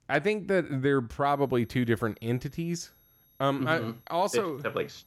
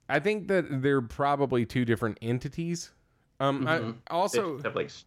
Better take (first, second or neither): second